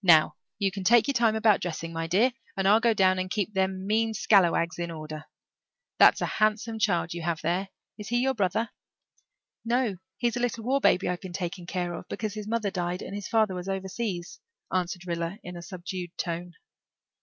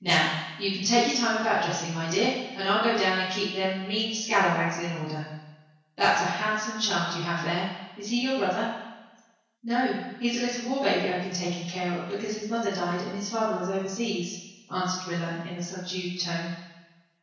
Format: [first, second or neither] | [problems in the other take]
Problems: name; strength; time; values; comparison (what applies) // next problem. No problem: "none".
first | room echo; dies away in 1.1 s